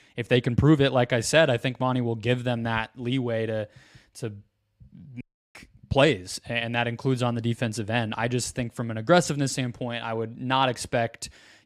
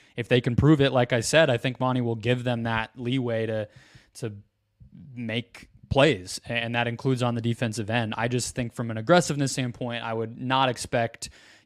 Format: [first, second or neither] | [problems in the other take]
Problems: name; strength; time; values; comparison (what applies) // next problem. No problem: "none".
second | audio cutting out; at 5 s